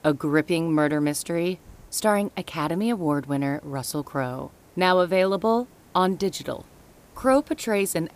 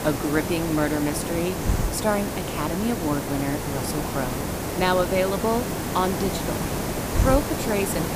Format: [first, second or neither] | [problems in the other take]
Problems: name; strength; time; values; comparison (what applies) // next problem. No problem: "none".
first | hiss; loud; throughout; 2 dB below the speech; faint in the first